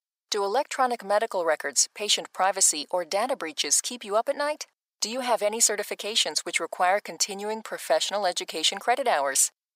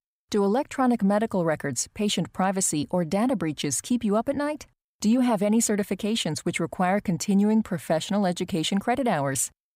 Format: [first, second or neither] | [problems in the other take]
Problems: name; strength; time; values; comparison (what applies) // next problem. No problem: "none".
second | thin; very; fading below 500 Hz